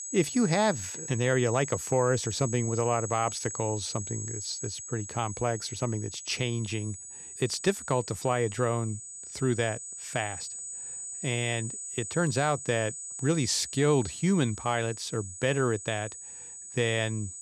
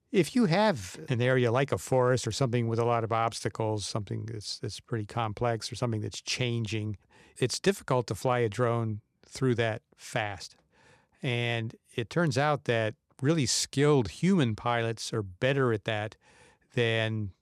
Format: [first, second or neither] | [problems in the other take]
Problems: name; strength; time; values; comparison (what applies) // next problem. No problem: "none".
second | high-pitched whine; loud; throughout; 8 kHz, 8 dB below the speech